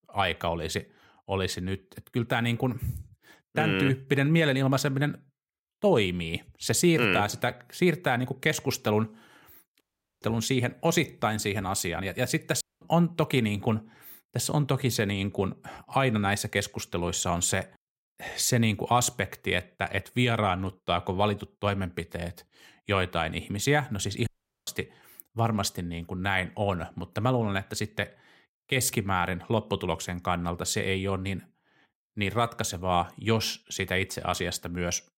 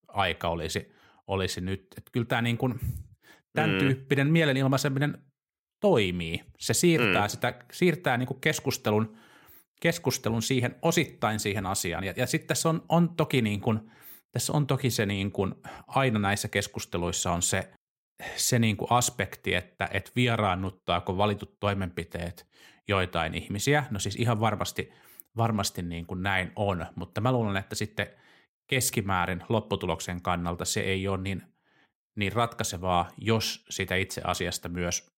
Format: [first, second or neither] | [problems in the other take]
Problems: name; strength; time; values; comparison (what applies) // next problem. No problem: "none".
second | audio cutting out; at 10 s, at 13 s and at 24 s